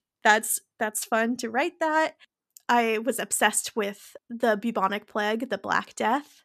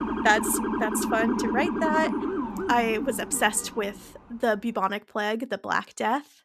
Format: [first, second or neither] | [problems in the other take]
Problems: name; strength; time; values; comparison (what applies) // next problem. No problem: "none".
first | siren; noticeable; until 4 s; peak 1 dB below the speech